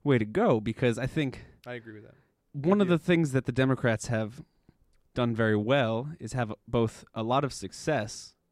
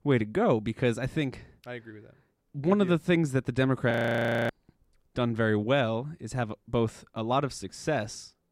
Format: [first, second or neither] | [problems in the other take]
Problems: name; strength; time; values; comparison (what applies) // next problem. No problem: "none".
first | audio freezing; at 4 s for 0.5 s